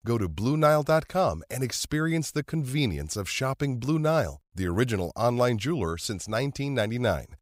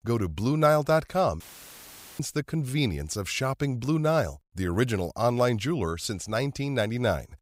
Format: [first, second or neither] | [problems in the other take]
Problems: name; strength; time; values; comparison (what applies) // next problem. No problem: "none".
first | audio cutting out; filled with static; at 1.5 s for 1 s